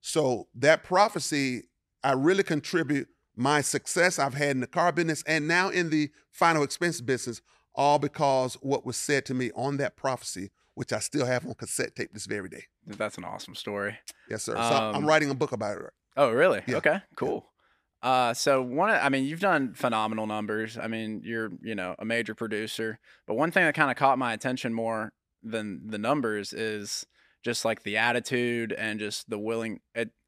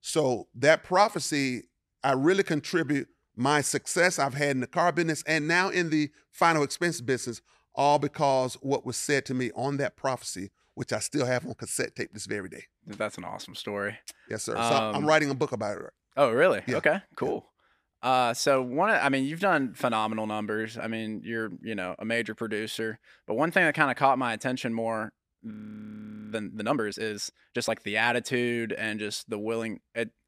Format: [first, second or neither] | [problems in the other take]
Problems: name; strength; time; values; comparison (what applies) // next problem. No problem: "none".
first | audio freezing; at 26 s for 1 s